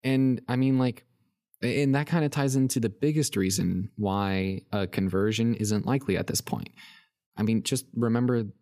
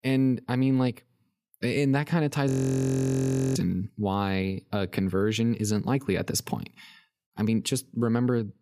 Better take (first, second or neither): first